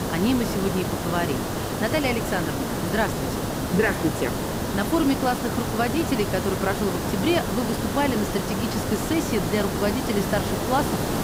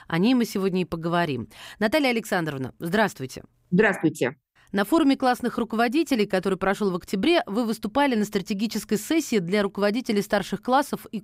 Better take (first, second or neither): second